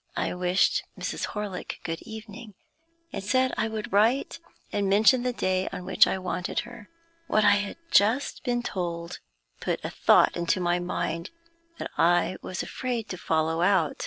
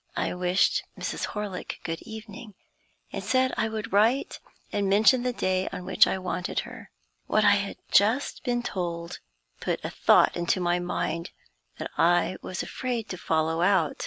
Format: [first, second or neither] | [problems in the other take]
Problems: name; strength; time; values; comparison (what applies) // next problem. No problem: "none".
second | noise reduction (neural separator model SepFormer DNS4)